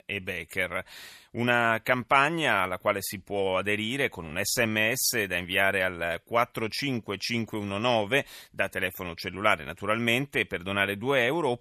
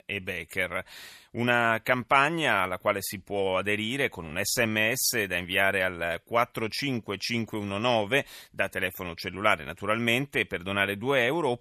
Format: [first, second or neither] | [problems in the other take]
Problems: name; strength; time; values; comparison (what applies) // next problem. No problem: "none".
neither | none